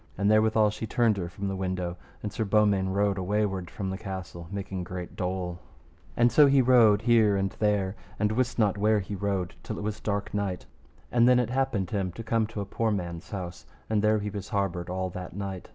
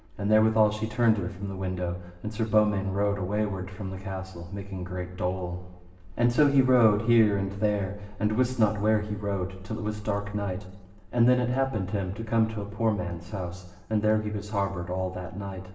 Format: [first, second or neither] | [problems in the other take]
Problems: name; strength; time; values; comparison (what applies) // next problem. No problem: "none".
first | room echo; dies away in 1 s